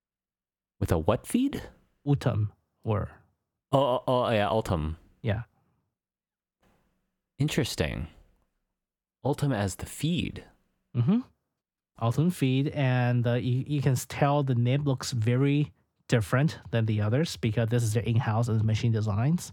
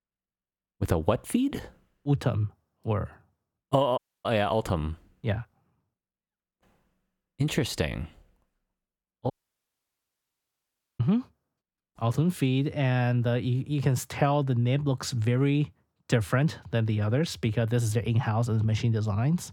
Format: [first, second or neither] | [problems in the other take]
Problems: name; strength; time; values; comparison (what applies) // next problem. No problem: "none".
first | audio cutting out; at 4 s and at 9.5 s for 1.5 s